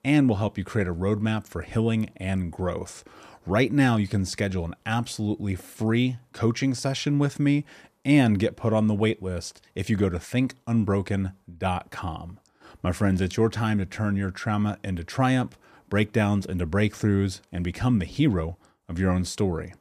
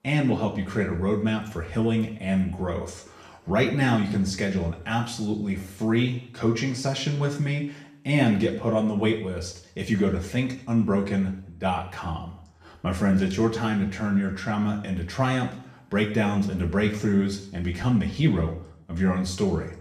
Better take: first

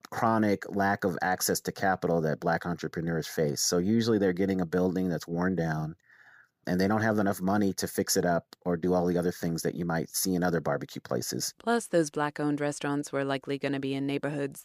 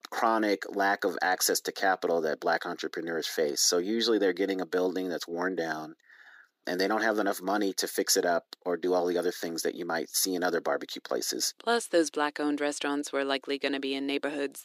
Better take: first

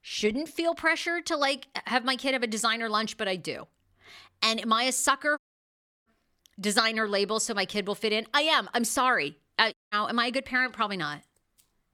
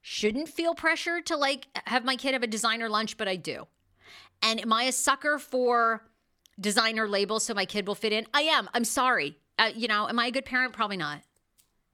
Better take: second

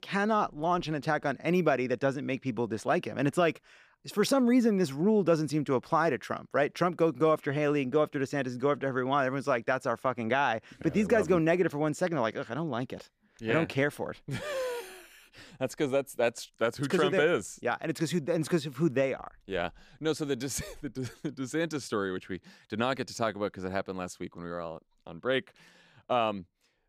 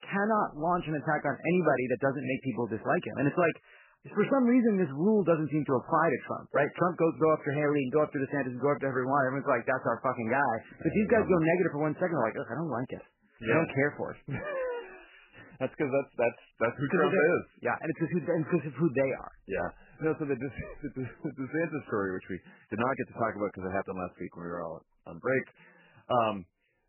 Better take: first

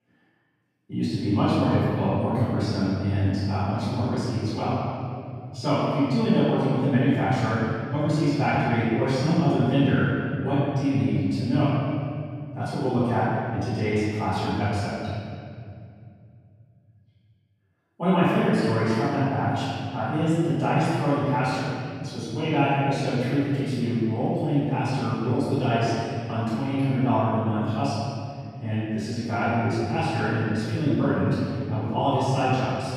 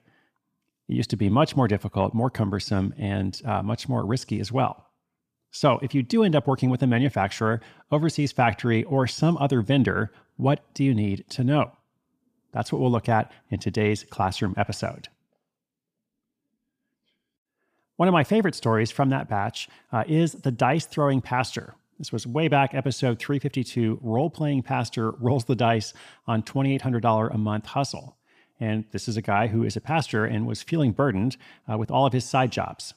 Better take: second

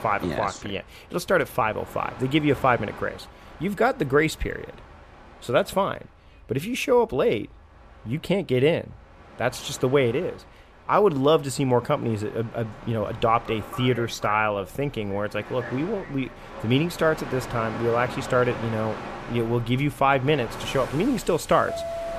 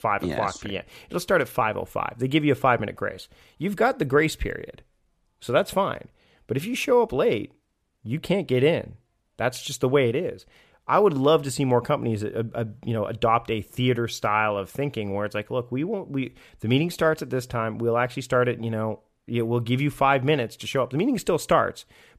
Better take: second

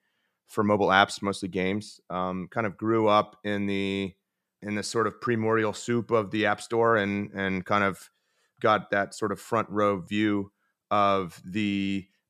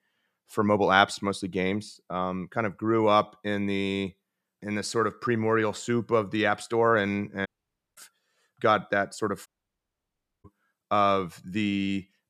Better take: first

